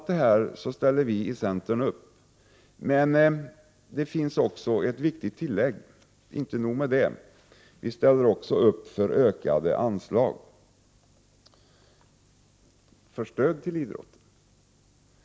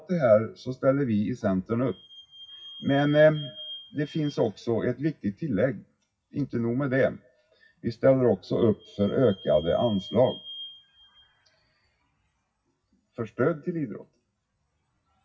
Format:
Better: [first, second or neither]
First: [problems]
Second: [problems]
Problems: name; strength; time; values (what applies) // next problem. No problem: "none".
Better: first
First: none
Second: noise reduction (classical method WPE with log-MMSE)